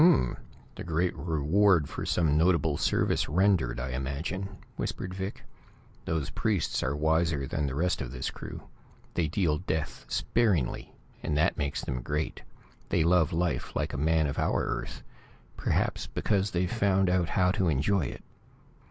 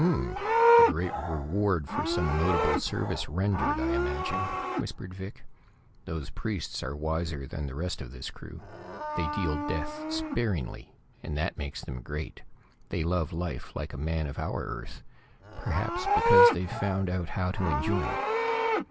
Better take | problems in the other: first | background sound (Livestock, farm animals, working animals); as loud as the speech

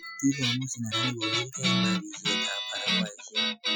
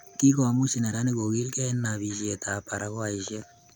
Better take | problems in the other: second | noise reduction (classical method Wiener filter)

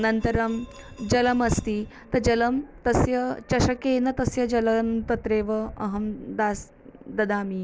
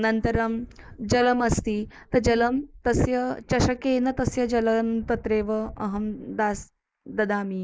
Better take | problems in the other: first | noise reduction (neural mask model Resemble Enhance denoiser)

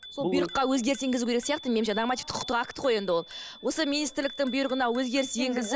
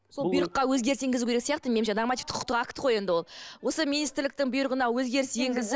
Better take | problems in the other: second | background sound (Bicycle bell); 17 dB below the speech

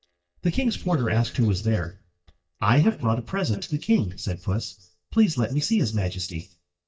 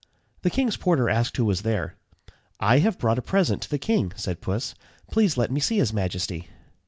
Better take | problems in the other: second | noise reduction (neural mask model DeepFilterNet 3)

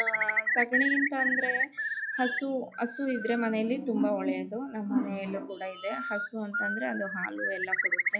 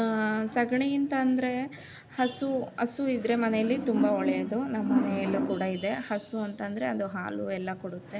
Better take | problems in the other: second | noise reduction (classical method log-MMSE)

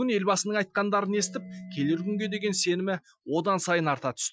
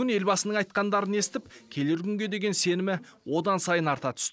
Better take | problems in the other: second | noise reduction (classical method Wiener filter)

